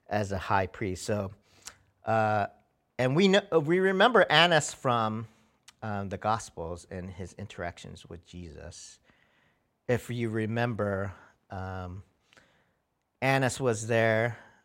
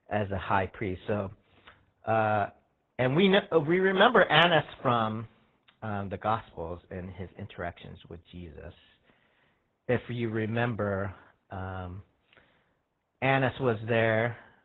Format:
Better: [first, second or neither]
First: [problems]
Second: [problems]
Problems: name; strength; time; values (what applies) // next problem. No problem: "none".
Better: first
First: none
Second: garbled, watery; badly; nothing above 3.5 kHz